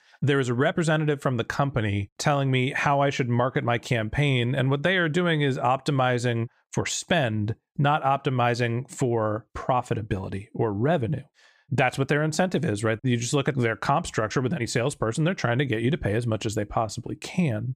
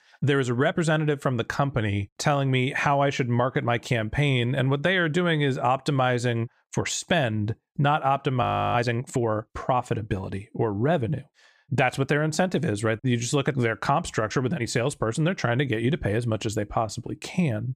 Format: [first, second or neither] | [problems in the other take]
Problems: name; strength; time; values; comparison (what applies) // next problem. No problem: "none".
first | audio freezing; at 8.5 s